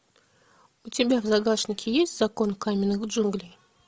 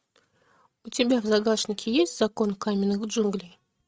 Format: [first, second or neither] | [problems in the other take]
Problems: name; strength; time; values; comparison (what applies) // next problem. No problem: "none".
first | noise reduction (neural mask model RNNoise)